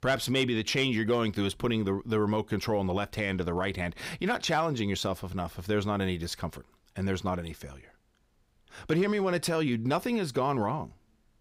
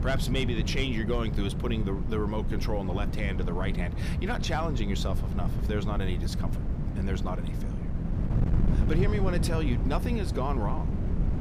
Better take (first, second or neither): first